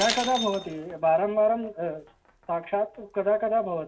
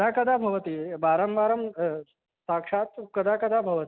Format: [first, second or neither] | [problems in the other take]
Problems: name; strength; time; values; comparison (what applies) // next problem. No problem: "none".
second | background sound (Shatter); 12 dB below the speech // room echo; dies away in 0.1 s